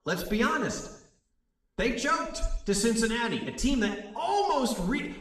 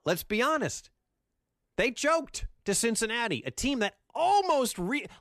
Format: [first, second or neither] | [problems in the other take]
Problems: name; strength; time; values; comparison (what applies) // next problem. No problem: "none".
second | room echo; noticeable; dies away in 0.7 s // off-mic speech; far